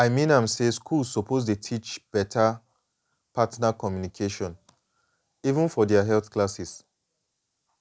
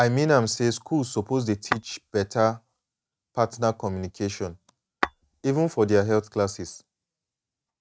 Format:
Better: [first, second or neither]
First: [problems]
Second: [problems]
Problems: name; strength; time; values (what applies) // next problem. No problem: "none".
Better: first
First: none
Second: noise reduction (neural mask model RNNoise)